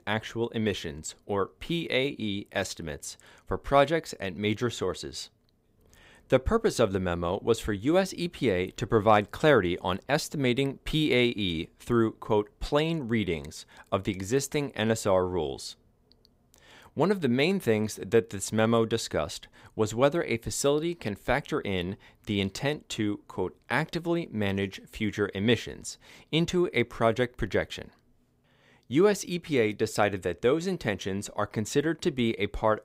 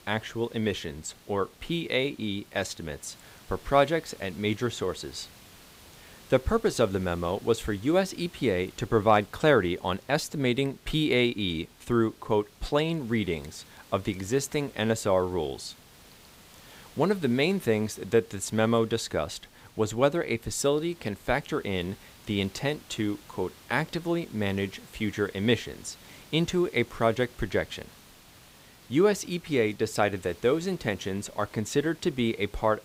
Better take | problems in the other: first | hiss; faint; throughout; 25 dB below the speech

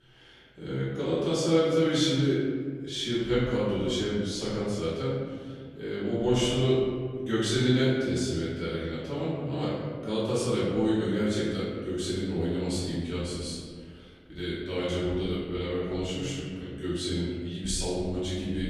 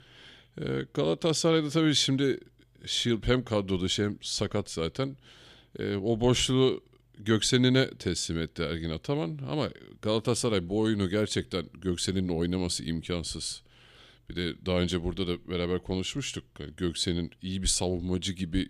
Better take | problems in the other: second | off-mic speech; far // room echo; strong; dies away in 1.8 s

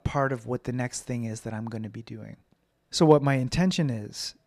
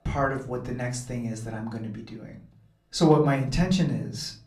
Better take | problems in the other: first | off-mic speech; far // room echo; very slight; dies away in 0.4 s

